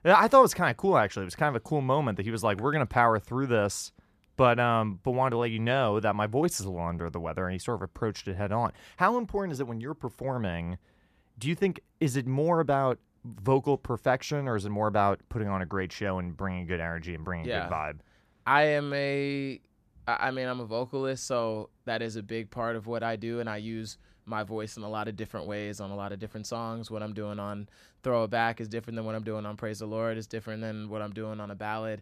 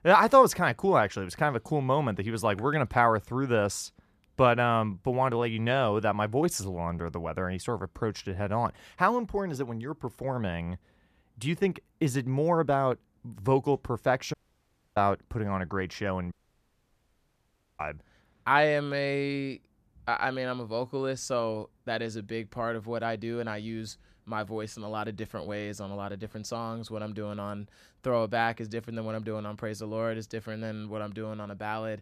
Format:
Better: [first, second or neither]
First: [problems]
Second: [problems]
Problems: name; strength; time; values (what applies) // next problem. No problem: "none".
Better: first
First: none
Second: audio cutting out; at 14 s for 0.5 s and at 16 s for 1.5 s